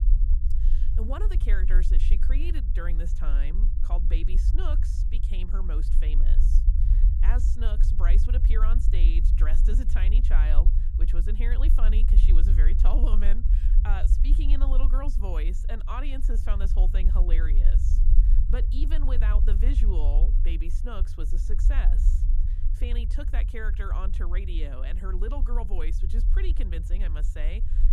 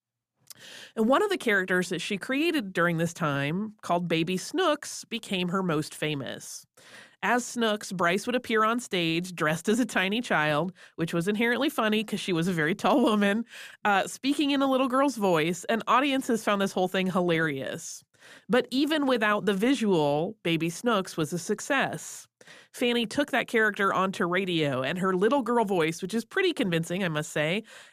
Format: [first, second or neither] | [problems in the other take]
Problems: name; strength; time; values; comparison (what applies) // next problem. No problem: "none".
second | low rumble; loud; throughout; 7 dB below the speech